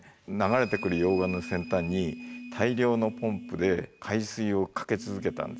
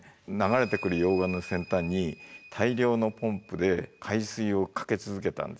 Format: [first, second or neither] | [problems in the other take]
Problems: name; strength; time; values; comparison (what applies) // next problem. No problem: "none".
second | background sound (Telephone); 15 dB below the speech